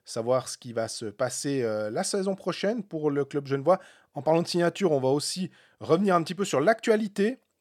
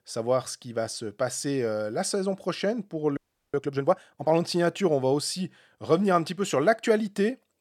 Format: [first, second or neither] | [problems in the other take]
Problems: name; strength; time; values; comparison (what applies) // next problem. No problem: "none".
first | audio freezing; at 3 s